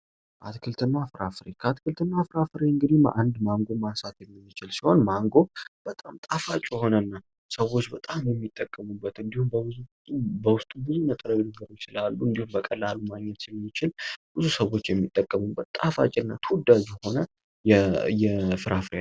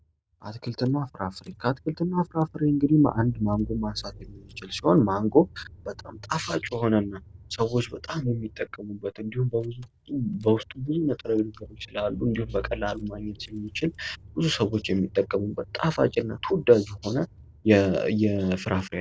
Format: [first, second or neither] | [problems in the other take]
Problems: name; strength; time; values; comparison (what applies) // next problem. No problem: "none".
first | background sound (Engine / Car); 20 dB below the speech